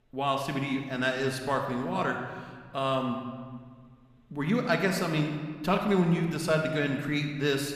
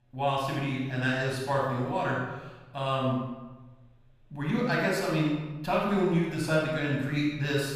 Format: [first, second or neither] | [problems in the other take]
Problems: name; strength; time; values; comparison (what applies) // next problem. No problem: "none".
first | room echo; strong; dies away in 1 s; slight in the first // off-mic speech; far